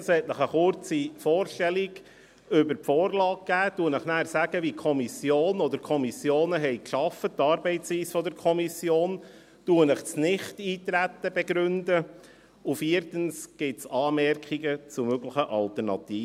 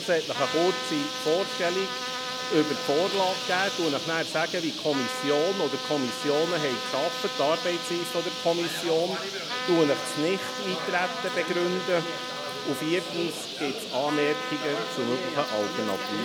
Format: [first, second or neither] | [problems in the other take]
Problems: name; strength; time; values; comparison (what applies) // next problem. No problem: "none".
first | background sound (Bird + Trumpet); 4 dB below the speech